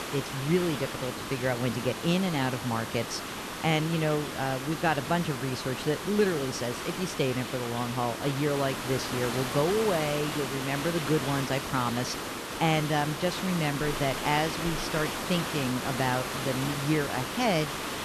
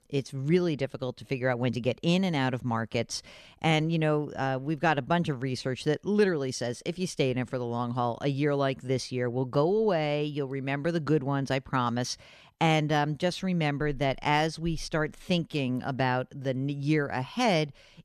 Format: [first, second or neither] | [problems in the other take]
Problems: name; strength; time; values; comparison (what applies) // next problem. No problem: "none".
second | hiss; loud; throughout; 4 dB below the speech